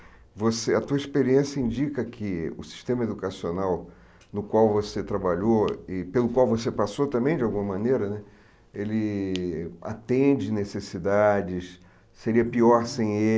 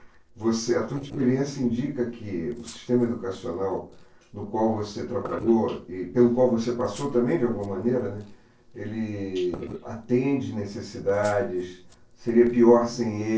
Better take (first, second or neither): first